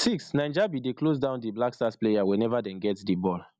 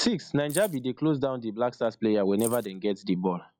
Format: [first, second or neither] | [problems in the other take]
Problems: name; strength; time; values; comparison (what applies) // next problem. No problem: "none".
first | noise reduction (classical method log-MMSE)